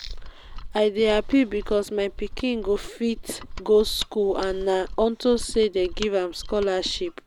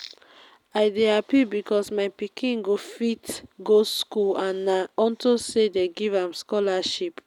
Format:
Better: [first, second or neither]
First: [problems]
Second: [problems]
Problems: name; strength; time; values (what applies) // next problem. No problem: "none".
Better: second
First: background sound (Mechanisms); 12 dB below the speech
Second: none